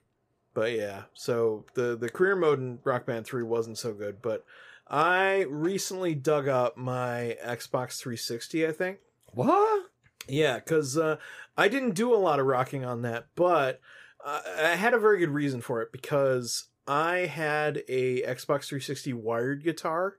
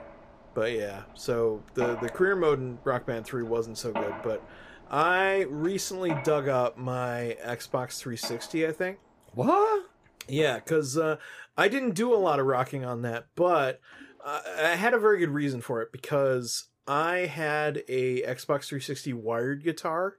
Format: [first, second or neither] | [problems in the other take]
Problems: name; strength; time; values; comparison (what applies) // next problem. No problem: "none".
first | machinery noise; noticeable; throughout; 15 dB below the speech